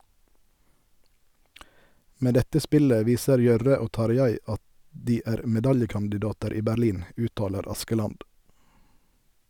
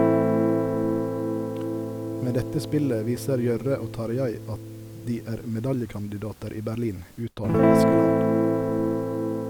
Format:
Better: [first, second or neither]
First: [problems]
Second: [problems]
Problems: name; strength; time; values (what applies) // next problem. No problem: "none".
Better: first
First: none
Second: background sound (Guitar); 5 dB above the speech